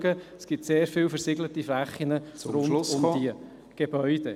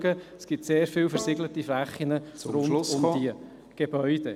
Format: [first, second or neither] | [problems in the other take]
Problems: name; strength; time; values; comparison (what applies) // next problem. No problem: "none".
first | background sound (Bowed string instrument); 14 dB below the speech